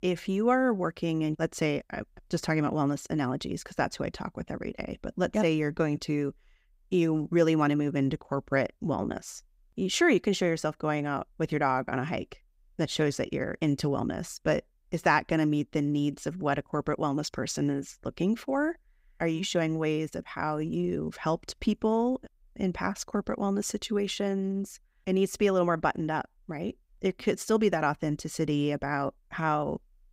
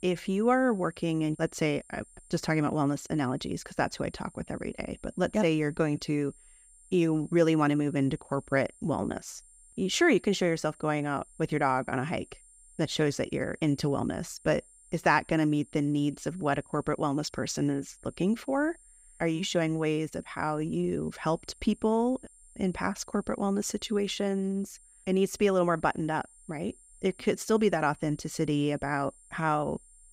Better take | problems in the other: first | high-pitched whine; faint; throughout; 9 kHz, 25 dB below the speech

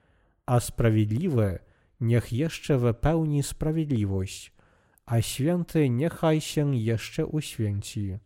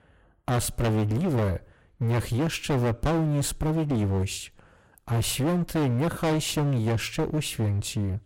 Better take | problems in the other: first | distortion; heavy; 26% of the sound clipped

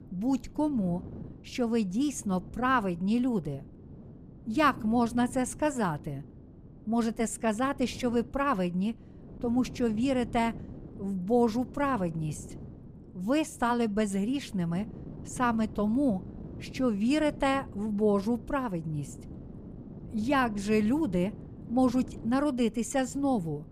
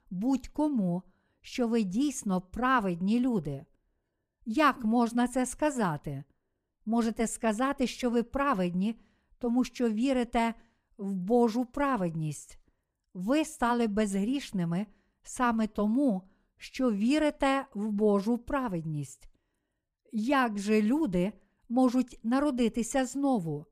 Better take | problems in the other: second | wind noise on the microphone; occasional gusts; 20 dB below the speech

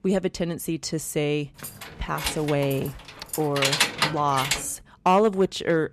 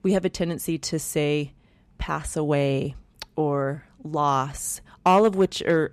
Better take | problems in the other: second | jangling keys; loud; from 1.5 to 4.5 s; peak 5 dB above the speech

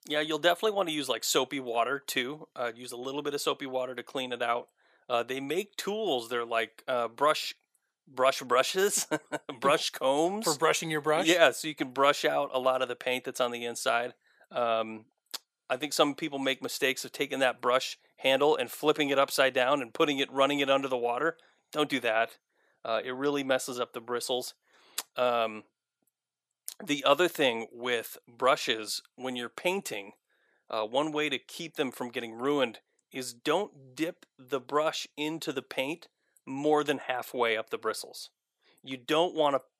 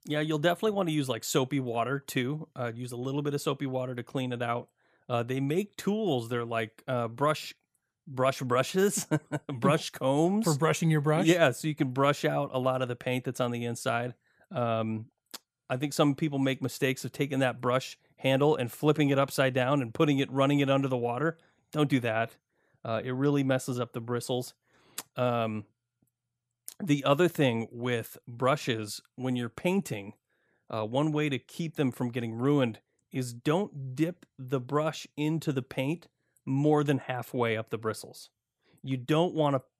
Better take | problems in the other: second | thin; somewhat; fading below 450 Hz

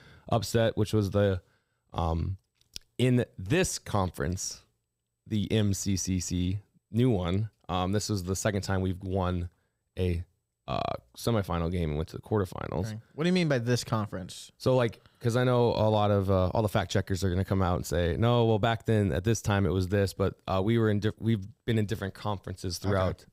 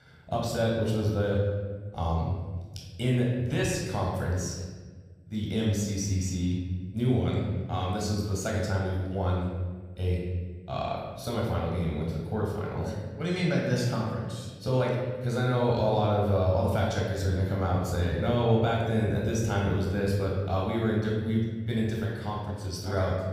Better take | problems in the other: first | off-mic speech; far // room echo; noticeable; dies away in 1.3 s

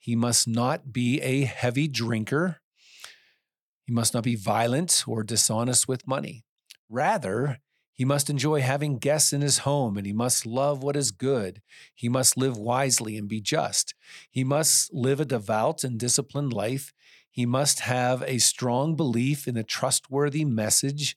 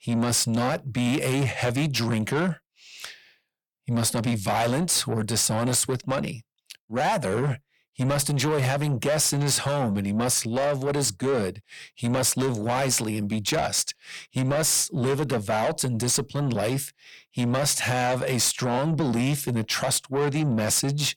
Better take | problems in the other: first | distortion; heavy; 8 dB below the speech

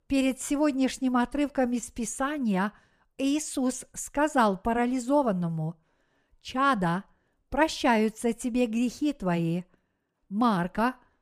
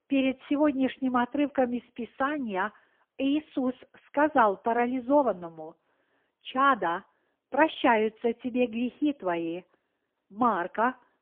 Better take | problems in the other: first | phone-call audio; poor line; nothing above 3.5 kHz

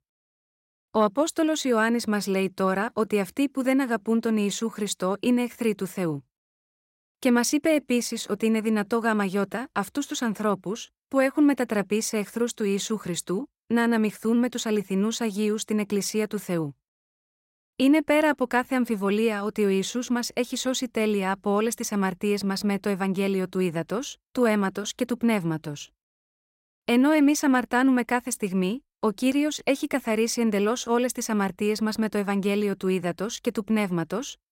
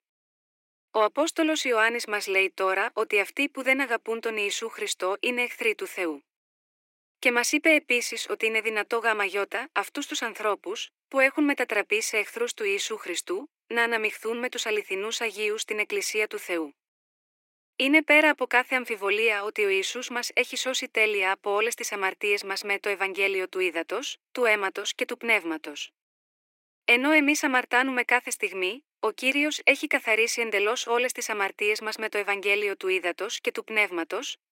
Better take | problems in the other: first | thin; somewhat; fading below 300 Hz

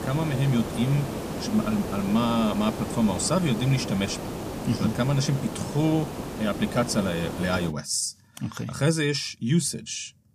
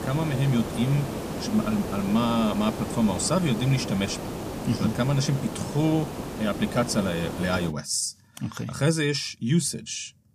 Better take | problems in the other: neither | hiss; loud; until 7.5 s; 7 dB below the speech; the same in both

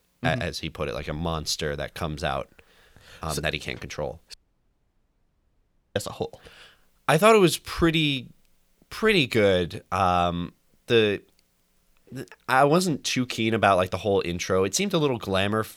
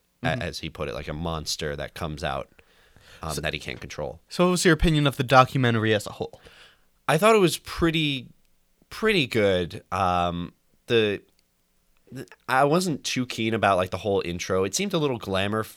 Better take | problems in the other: second | audio cutting out; at 4.5 s for 1.5 s

